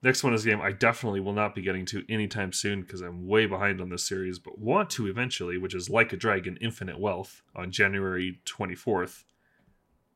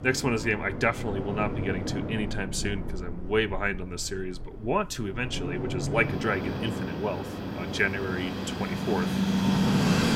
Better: first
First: none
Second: train or aircraft noise; loud; throughout; 1 dB below the speech

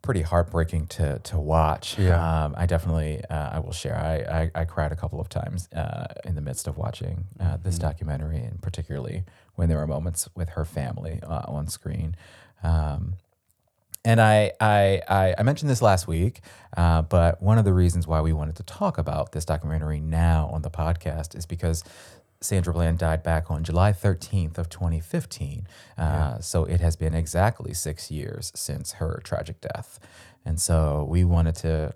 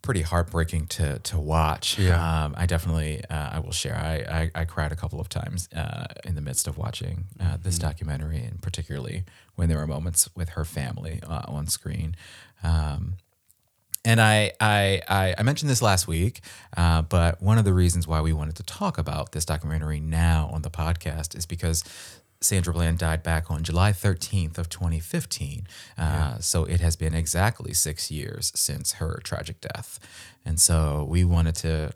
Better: second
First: muffled; slightly; fading above 2 kHz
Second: none

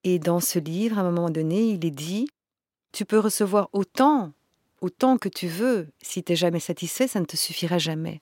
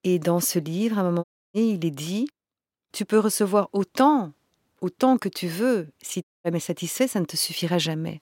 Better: first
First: none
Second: audio cutting out; at 1 s and at 6 s

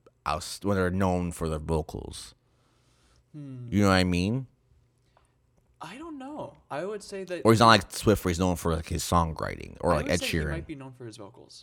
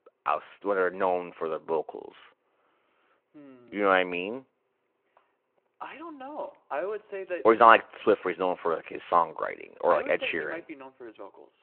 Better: first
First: none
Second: phone-call audio

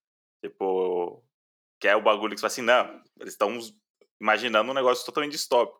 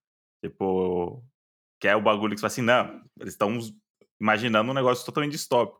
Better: second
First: thin; somewhat; fading below 400 Hz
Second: none

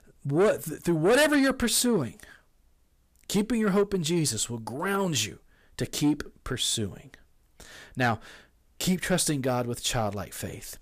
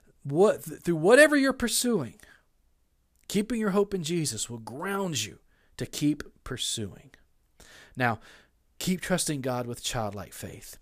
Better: second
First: distortion; heavy; 8 dB below the speech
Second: none

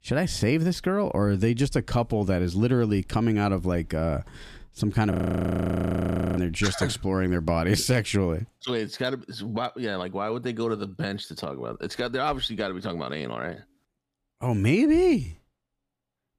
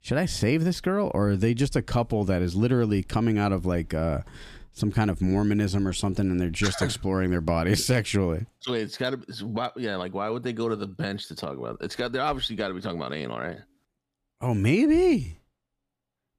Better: second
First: audio freezing; at 5 s for 1 s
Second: none

